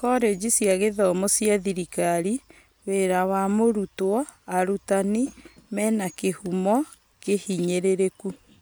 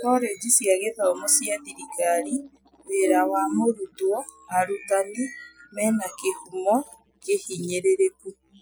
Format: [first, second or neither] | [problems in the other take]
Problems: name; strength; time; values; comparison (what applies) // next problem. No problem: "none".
first | noise reduction (classical method Wiener filter)